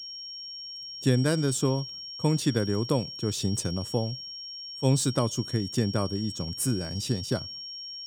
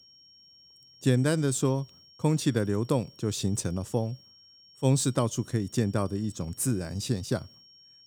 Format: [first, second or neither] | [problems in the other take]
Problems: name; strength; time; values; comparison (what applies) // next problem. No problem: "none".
second | high-pitched whine; loud; throughout; 5.5 kHz, 9 dB below the speech; faint in the second